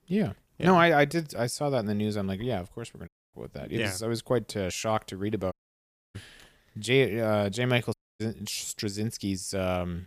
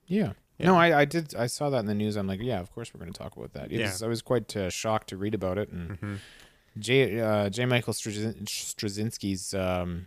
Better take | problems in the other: second | audio cutting out; at 3 s, at 5.5 s for 0.5 s and at 8 s

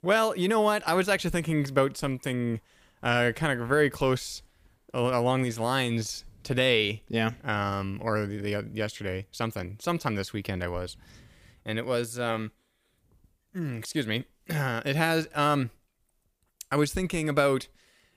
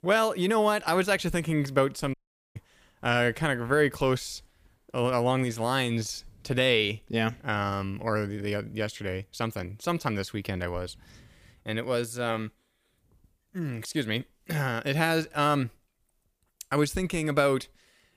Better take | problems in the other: first | audio cutting out; at 2 s

